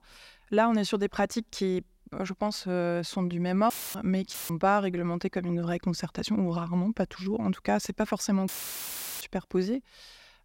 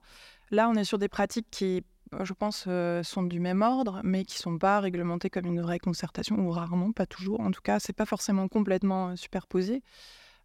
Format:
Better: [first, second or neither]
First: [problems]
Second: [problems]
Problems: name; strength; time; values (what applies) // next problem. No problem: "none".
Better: second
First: audio cutting out; filled with static; at 3.5 s, at 4.5 s and at 8.5 s for 0.5 s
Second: none